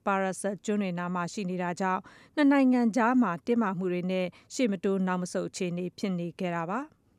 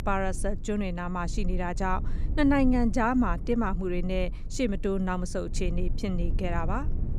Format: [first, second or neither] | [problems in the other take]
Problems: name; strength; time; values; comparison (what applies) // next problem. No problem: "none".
first | low rumble; noticeable; throughout; 20 dB below the speech